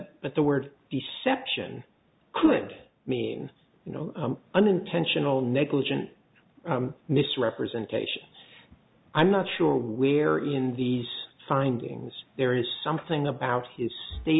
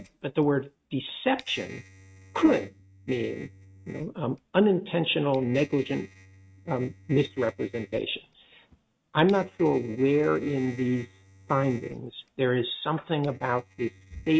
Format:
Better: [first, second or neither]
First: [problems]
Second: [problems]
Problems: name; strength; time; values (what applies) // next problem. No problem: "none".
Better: first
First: none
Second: noise reduction (neural mask model RNNoise)